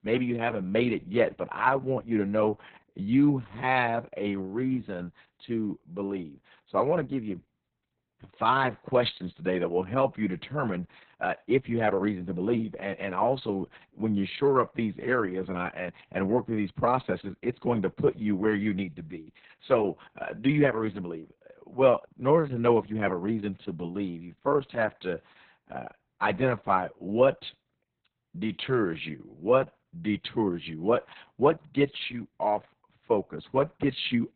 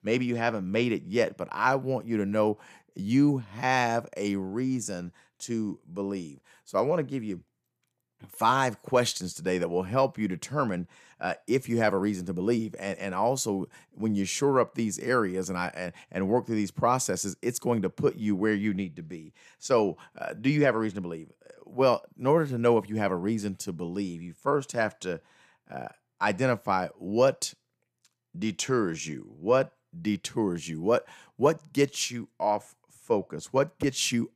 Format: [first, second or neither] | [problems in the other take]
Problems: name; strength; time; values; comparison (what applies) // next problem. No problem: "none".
second | garbled, watery; badly; nothing above 4 kHz